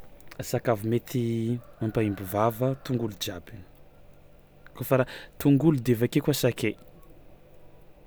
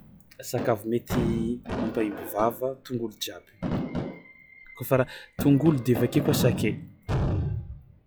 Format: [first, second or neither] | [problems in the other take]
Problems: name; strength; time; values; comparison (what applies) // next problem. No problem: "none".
first | noise reduction (classical method log-MMSE)